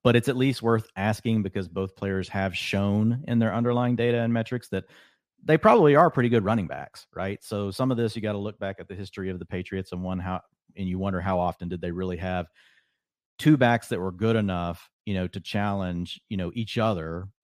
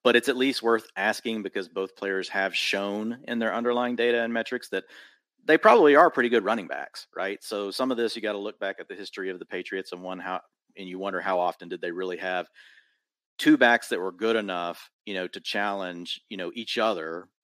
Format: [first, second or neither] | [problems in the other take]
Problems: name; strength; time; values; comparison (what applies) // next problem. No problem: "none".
first | thin; somewhat; fading below 300 Hz